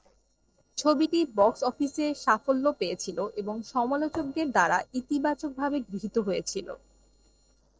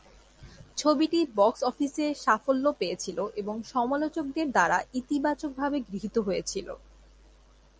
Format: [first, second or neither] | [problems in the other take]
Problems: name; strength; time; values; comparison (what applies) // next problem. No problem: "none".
second | noise reduction (neural separator model SepFormer DNS4)